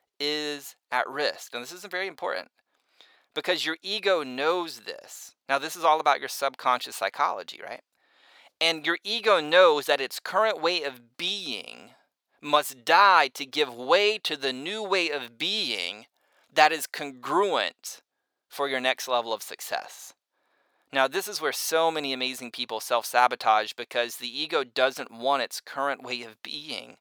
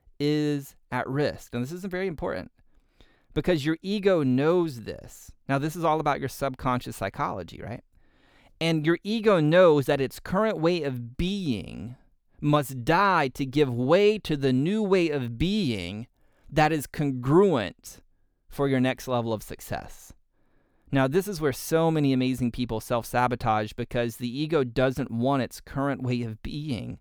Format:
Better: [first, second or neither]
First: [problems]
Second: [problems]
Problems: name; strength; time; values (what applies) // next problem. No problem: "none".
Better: second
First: thin; very; fading below 750 Hz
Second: none